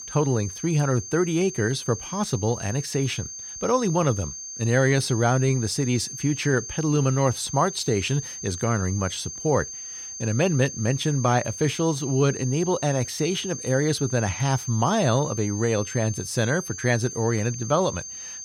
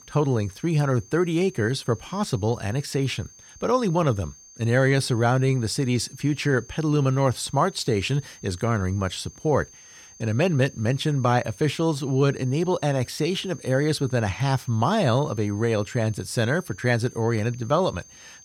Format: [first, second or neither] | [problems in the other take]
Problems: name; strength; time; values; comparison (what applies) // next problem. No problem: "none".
second | high-pitched whine; loud; throughout; 6.5 kHz, 9 dB below the speech; faint in the second